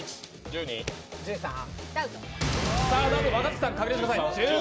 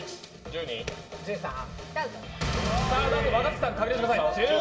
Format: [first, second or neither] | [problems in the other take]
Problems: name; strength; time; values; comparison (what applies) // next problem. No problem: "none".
first | room echo; dies away in 2.9 s